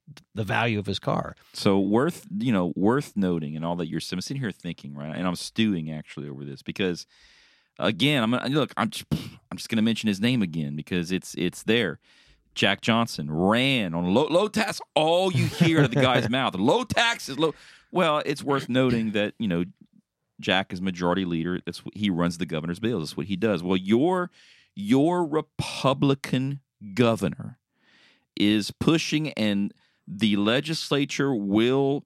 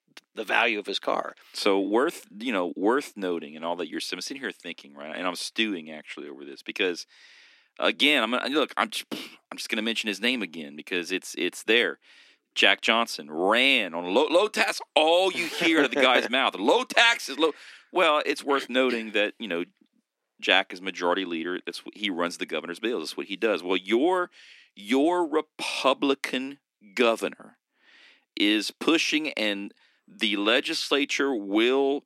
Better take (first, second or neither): first